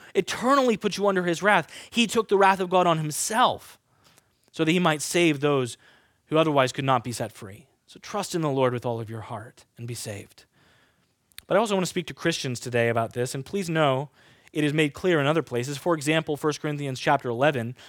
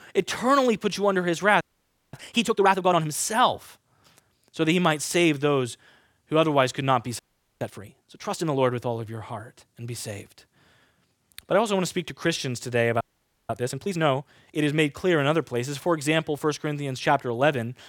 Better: first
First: none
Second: audio freezing; at 1.5 s for 0.5 s, at 7 s and at 13 s

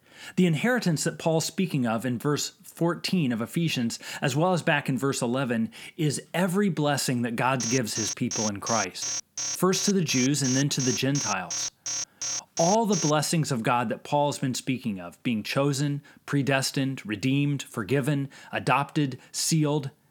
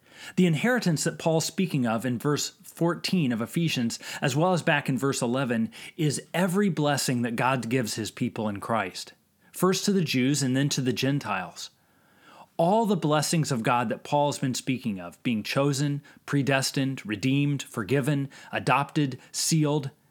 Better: second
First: alarm; noticeable; from 7.5 to 13 s; peak 3 dB below the speech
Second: none

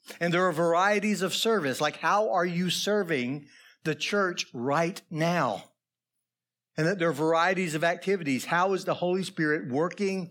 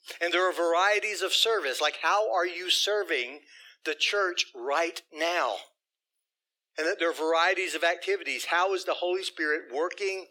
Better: first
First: none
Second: thin; very; fading below 350 Hz

